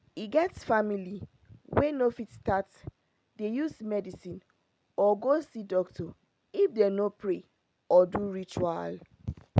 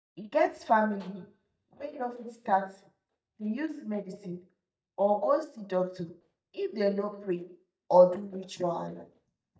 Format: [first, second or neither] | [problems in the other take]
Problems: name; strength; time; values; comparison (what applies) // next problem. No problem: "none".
first | noise reduction (neural mask model DeepFilterNet 3)